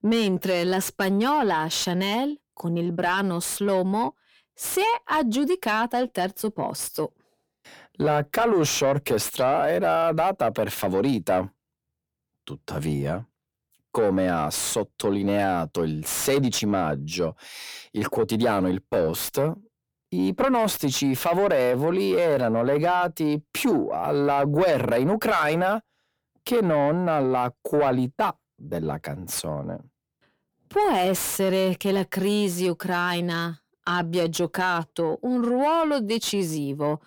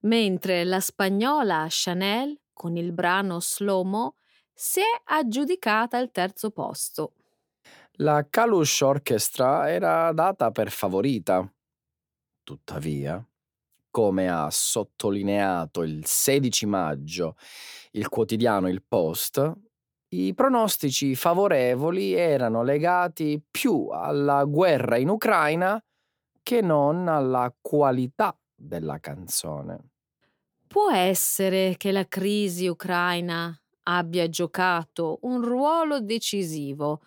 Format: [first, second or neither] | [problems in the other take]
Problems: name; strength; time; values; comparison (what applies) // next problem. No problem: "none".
second | distortion; slight; 10 dB below the speech